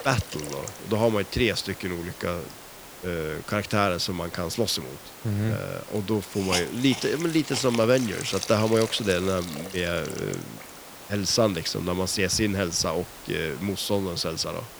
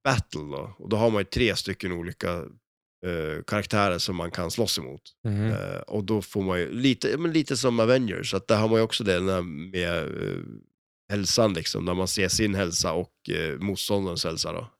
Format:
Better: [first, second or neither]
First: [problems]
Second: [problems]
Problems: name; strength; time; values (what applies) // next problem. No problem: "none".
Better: second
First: hiss; noticeable; throughout; 10 dB below the speech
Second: none